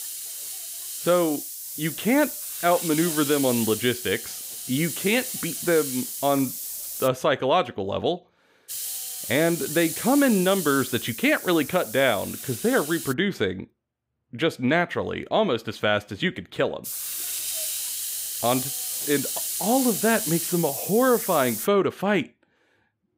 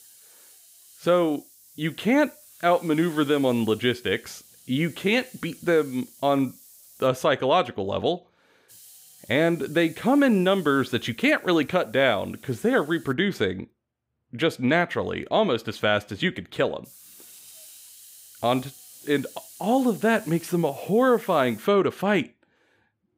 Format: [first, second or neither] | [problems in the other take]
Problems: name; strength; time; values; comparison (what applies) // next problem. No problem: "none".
second | hiss; loud; until 7 s, from 8.5 to 13 s and from 17 to 22 s; 5 dB below the speech; faint in the second